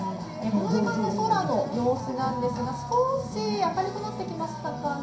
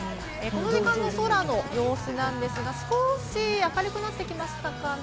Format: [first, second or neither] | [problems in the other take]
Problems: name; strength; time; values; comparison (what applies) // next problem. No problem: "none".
second | room echo; dies away in 0.5 s